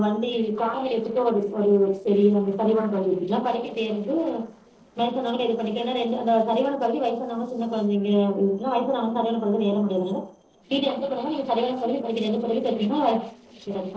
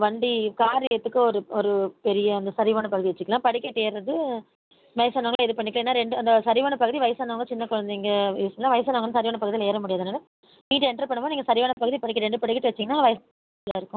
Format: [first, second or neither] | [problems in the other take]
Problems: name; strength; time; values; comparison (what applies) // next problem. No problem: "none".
second | noise reduction (neural separator model SepFormer DNS4)